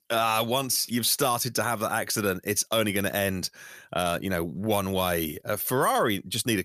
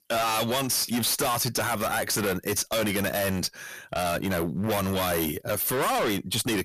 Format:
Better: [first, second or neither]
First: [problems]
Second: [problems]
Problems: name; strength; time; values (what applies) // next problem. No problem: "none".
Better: first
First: none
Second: distortion; heavy; 25% of the sound clipped